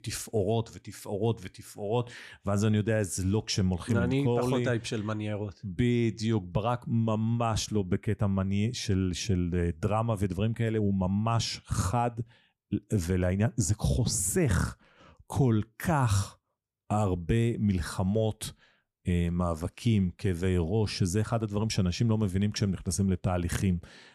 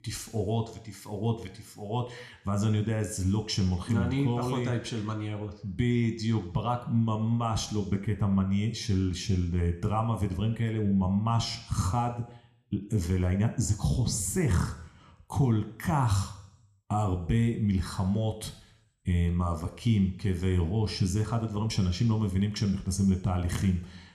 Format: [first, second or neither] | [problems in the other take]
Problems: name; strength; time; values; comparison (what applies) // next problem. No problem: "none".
first | room echo; very slight; dies away in 0.7 s